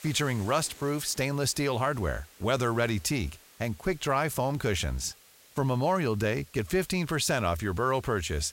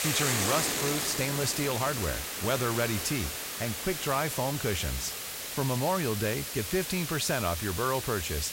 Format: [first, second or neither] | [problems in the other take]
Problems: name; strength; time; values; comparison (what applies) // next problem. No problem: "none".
first | hiss; loud; throughout; 1 dB below the speech; faint in the first